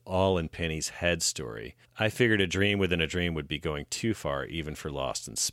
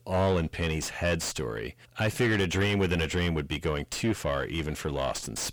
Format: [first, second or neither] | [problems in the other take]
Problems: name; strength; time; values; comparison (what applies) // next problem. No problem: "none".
first | distortion; heavy; 5 dB below the speech